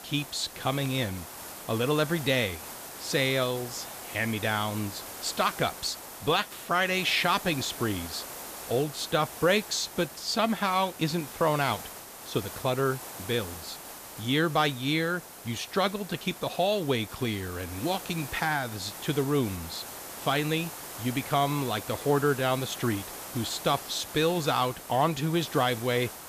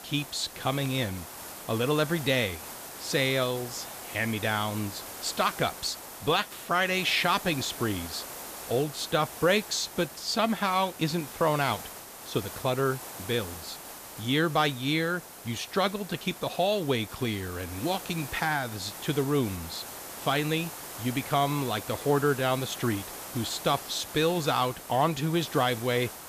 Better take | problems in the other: neither | hiss; noticeable; throughout; 10 dB below the speech; the same in both

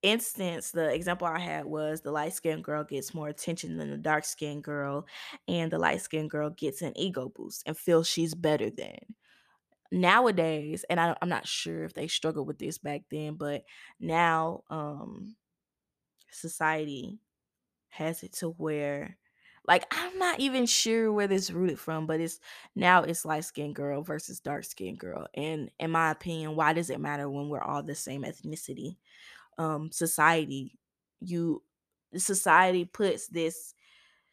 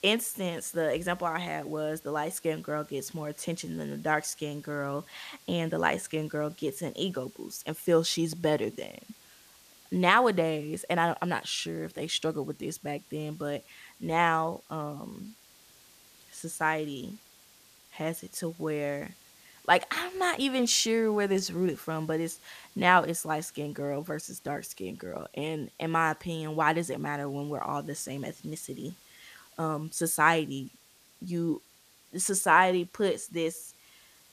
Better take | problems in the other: first | hiss; faint; throughout; 25 dB below the speech

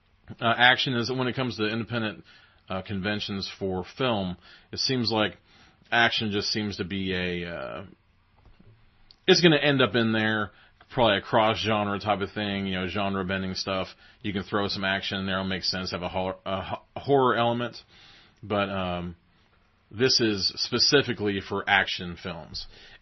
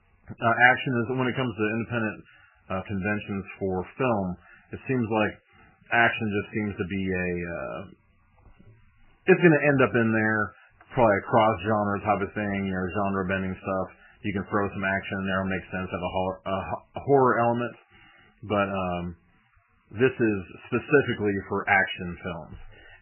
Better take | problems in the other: first | garbled, watery; badly; nothing above 3 kHz; slightly in the first

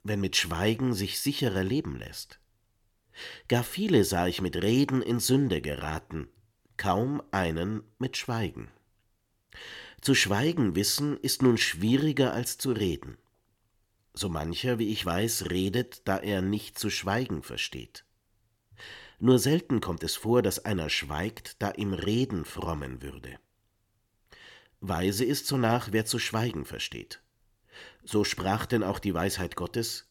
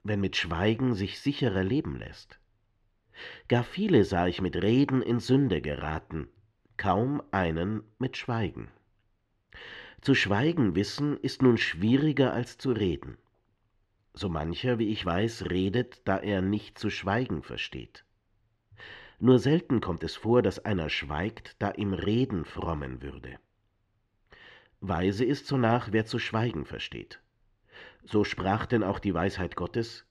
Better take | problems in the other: first | muffled; slightly; fading above 3 kHz

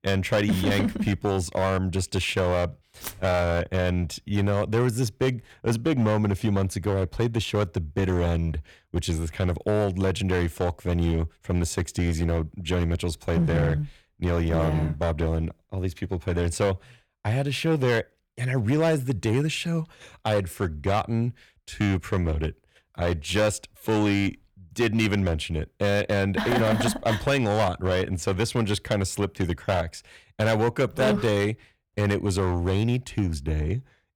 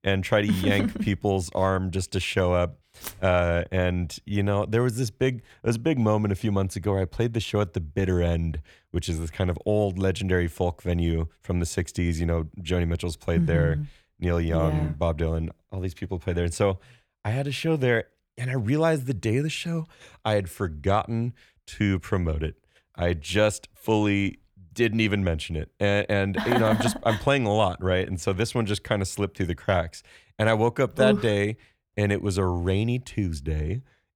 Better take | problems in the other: second | distortion; slight; 9% of the sound clipped

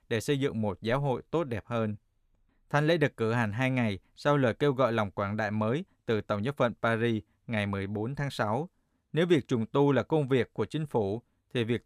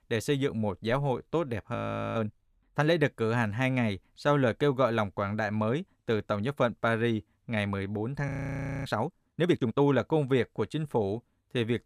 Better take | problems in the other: first | audio freezing; at 2 s and at 8.5 s for 0.5 s

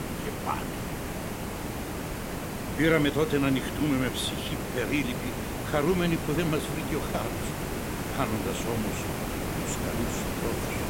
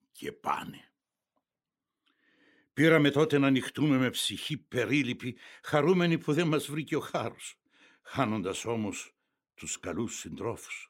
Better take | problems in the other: second | hiss; loud; throughout; 3 dB below the speech

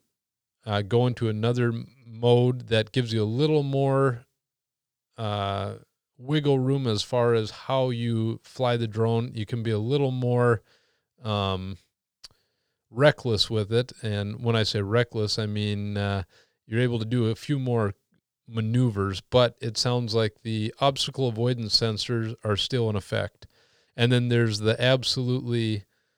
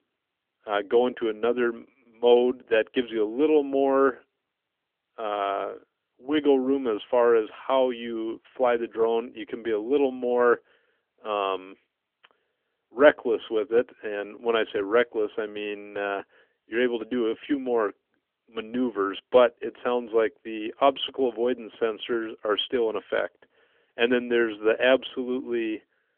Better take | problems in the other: first | phone-call audio; nothing above 3.5 kHz

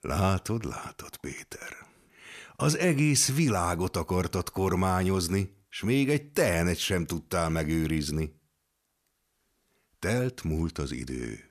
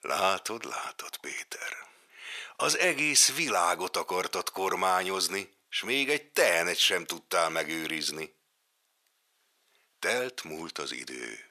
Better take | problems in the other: first | thin; very; fading below 600 Hz

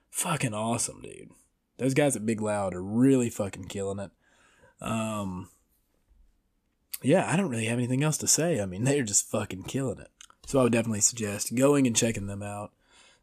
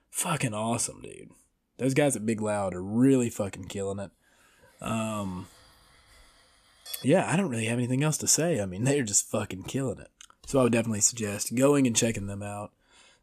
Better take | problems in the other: first | clattering dishes; faint; from 5 to 7 s; peak 15 dB below the speech

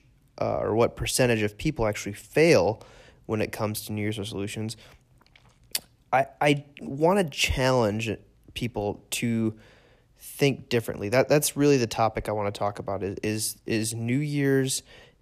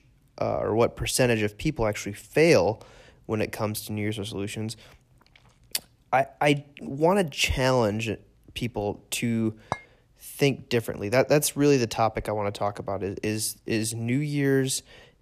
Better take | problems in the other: first | clattering dishes; very faint; at 9.5 s; peak 10 dB below the speech

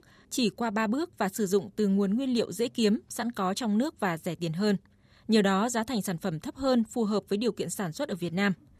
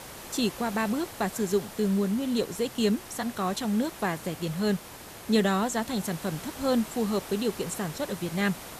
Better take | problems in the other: first | hiss; noticeable; throughout; 15 dB below the speech

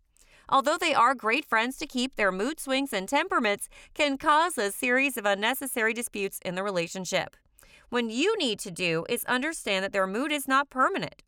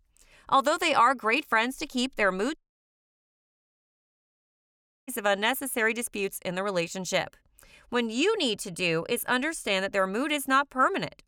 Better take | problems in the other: first | audio cutting out; at 2.5 s for 2.5 s

